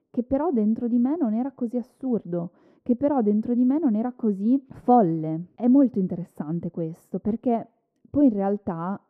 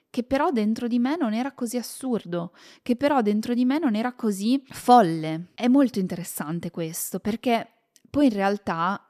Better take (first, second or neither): second